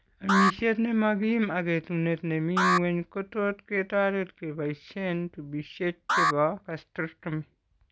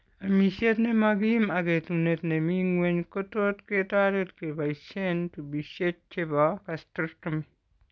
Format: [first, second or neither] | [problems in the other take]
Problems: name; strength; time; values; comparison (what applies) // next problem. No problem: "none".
second | background sound (Alarm); 3 dB below the speech